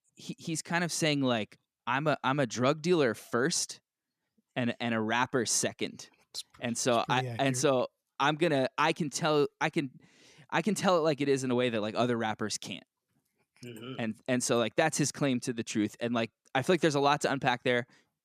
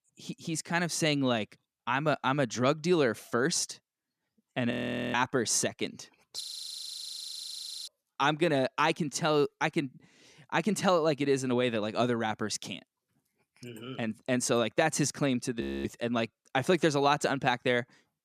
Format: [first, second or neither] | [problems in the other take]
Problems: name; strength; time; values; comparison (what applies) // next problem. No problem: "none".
first | audio freezing; at 4.5 s, at 6.5 s for 1.5 s and at 16 s